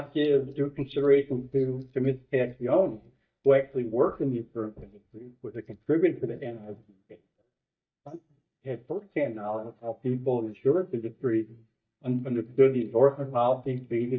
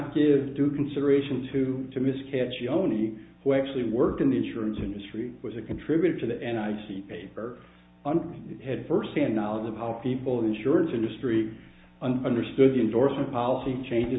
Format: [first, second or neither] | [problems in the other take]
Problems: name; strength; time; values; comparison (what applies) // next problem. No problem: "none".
second | noise reduction (neural mask model DeepFilterNet 3)